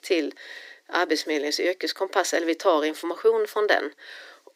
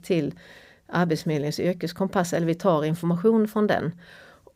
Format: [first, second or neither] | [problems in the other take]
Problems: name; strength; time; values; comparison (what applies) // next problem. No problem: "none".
second | thin; very; fading below 300 Hz